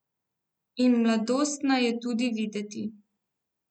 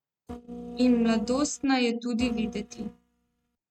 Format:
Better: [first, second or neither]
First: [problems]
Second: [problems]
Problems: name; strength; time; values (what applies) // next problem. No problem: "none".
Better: first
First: none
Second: noise reduction (neural mask model RNNoise)